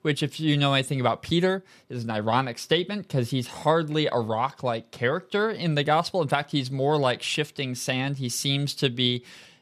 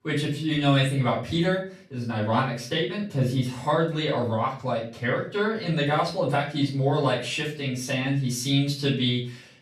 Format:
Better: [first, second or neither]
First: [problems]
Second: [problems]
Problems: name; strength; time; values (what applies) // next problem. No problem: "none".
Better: first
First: none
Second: room echo; slight; dies away in 0.4 s // off-mic speech; far